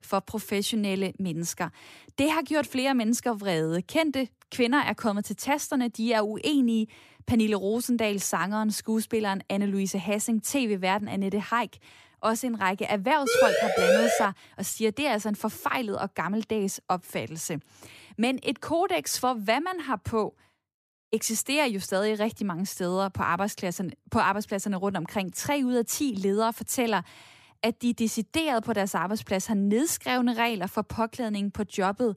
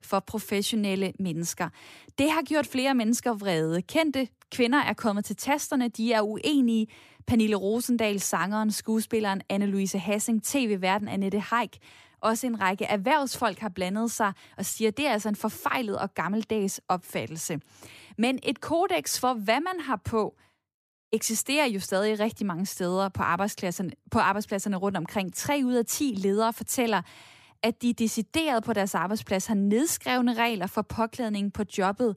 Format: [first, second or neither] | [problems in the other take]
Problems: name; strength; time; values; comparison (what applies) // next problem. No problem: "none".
second | siren; loud; from 13 to 14 s; peak 6 dB above the speech